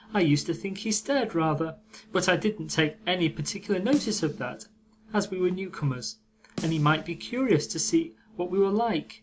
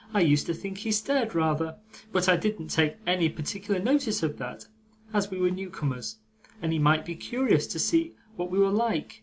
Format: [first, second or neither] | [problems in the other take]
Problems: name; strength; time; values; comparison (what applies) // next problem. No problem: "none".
second | background sound (Snare drum); 16 dB below the speech